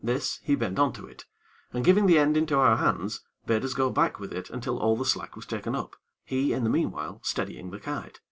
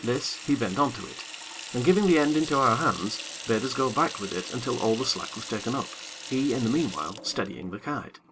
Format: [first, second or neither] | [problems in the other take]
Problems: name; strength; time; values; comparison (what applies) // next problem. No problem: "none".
first | background sound (Sink (filling or washing) / Water tap, faucet); 13 dB below the speech